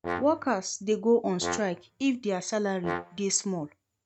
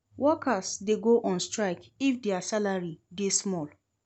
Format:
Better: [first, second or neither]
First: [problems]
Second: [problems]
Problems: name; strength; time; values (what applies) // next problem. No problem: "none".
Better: second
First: noise reduction (neural mask model RNNoise)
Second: none